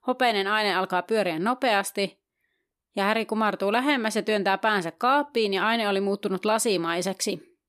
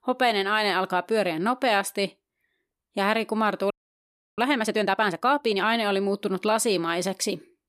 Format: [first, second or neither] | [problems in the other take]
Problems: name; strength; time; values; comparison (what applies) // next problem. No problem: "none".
first | audio freezing; at 3.5 s for 0.5 s